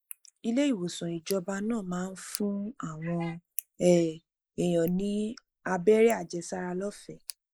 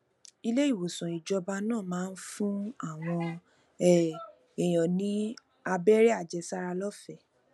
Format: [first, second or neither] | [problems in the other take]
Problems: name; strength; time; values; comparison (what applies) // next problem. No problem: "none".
second | noise reduction (neural mask model Resemble Enhance denoiser)